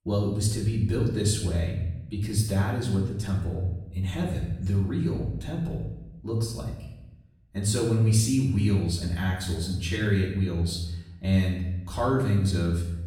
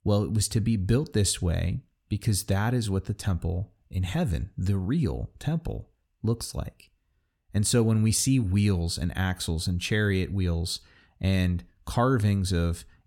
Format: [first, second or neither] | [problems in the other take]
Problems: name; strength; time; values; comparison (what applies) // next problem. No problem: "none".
second | off-mic speech; far // room echo; noticeable; dies away in 0.8 s